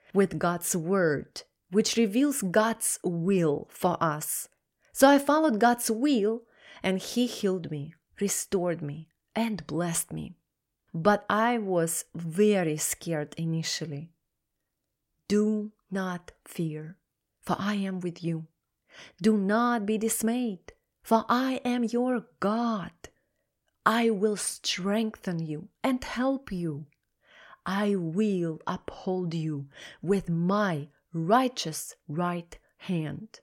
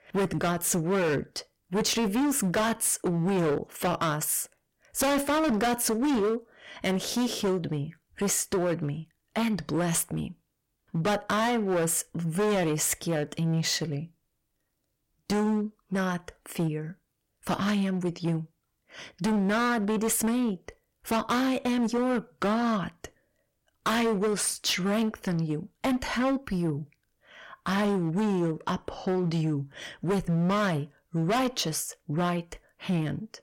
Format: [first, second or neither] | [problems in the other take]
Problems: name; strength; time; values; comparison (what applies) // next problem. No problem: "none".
first | distortion; heavy; 16% of the sound clipped